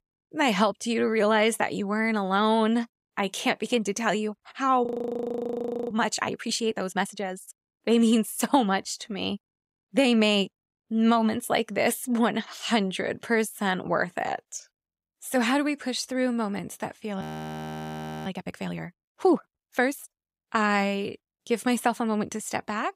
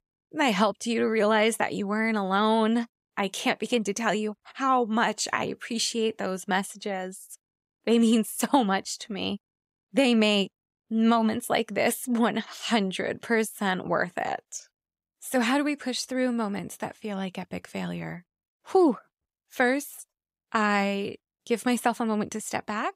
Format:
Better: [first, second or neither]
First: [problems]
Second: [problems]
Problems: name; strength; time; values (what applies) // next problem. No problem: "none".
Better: second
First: audio freezing; at 5 s for 1 s and at 17 s for 1 s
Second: none